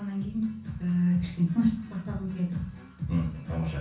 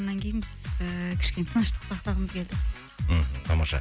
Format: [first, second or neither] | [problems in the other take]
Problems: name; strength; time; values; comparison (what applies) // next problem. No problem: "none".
second | room echo; dies away in 0.6 s